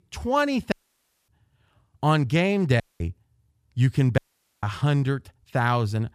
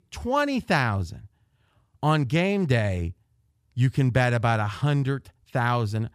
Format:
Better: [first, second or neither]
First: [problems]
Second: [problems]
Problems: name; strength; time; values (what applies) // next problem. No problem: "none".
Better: second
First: audio cutting out; at 0.5 s for 0.5 s, at 3 s and at 4 s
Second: none